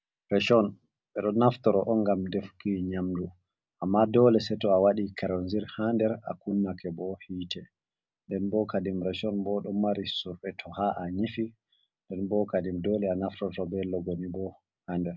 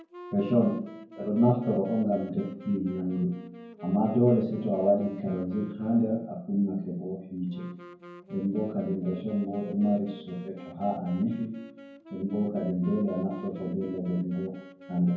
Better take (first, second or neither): first